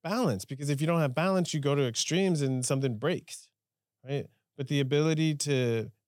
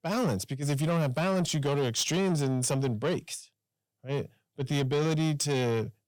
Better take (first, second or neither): first